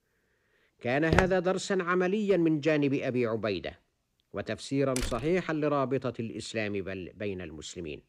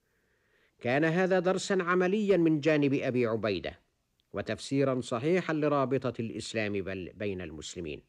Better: second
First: footsteps; loud; at 1 s; peak 1 dB above the speech // door banging; noticeable; at 5 s; peak 7 dB below the speech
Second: none

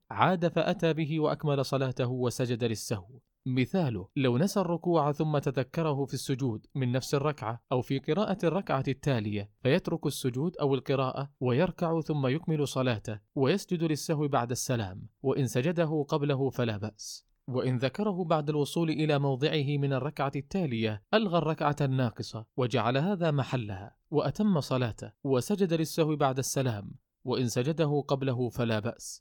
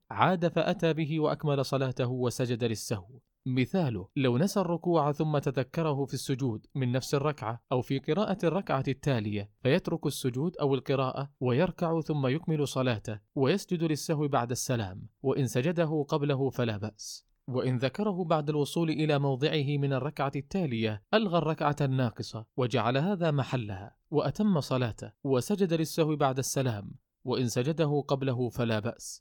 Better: neither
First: none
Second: none

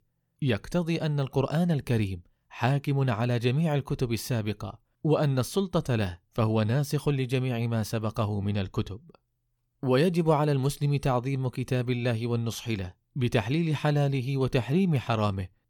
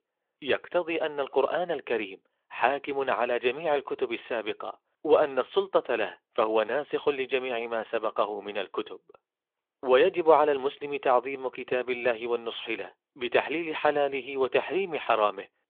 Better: first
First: none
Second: phone-call audio

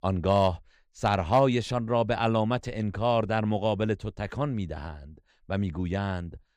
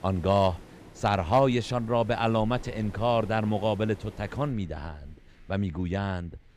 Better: first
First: none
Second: rain or running water; faint; throughout; 20 dB below the speech

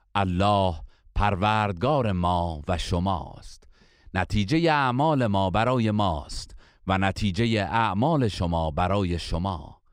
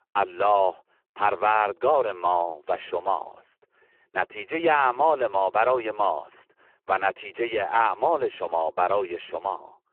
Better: first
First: none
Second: phone-call audio; poor line

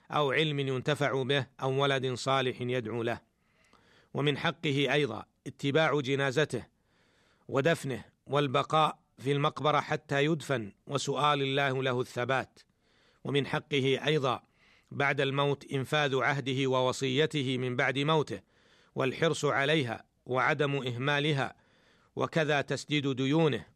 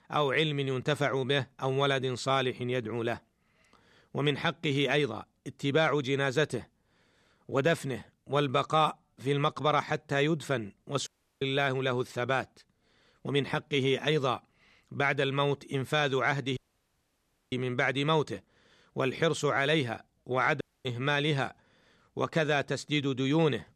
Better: first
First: none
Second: audio cutting out; at 11 s, at 17 s for 1 s and at 21 s

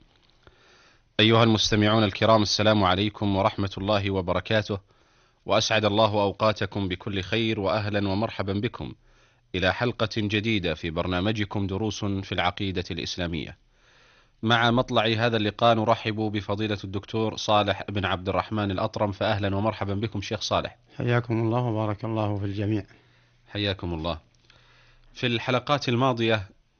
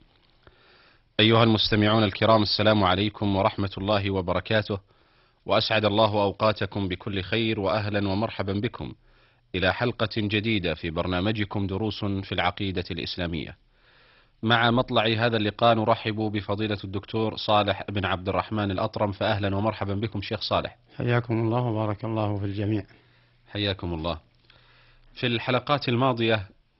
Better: first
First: garbled, watery; slightly; nothing above 6.5 kHz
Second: garbled, watery; badly; nothing above 5.5 kHz

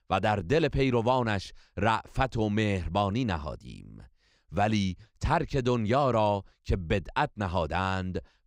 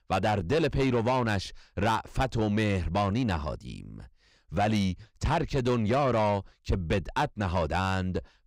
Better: first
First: none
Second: distortion; slight; 10 dB below the speech

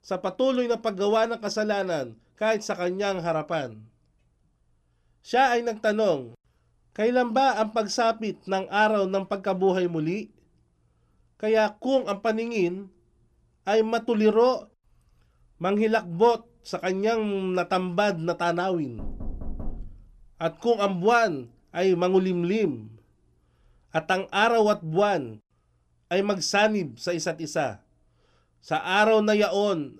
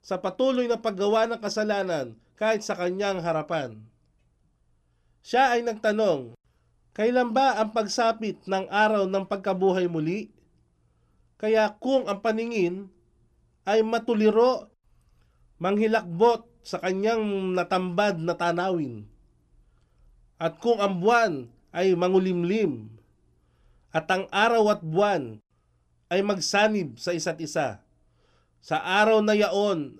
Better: second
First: door banging; faint; at 19 s; peak 15 dB below the speech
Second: none

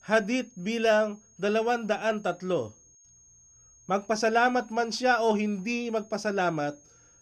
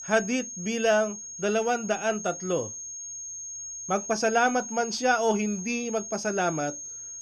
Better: first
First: high-pitched whine; faint; throughout; 6.5 kHz, 30 dB below the speech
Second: high-pitched whine; loud; throughout; 6.5 kHz, 9 dB below the speech

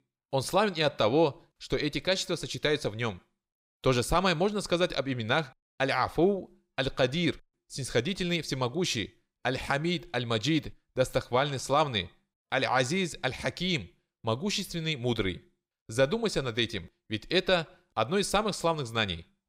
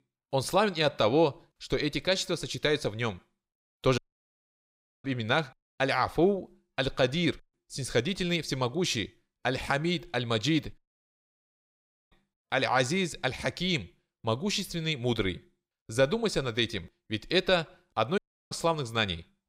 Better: first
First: none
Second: audio cutting out; at 4 s for 1 s, at 11 s for 1.5 s and at 18 s

